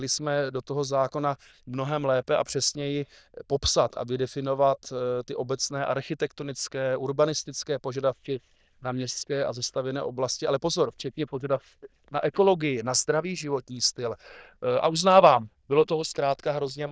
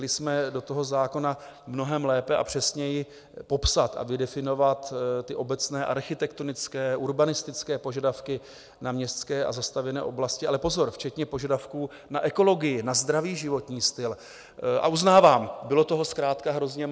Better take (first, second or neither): second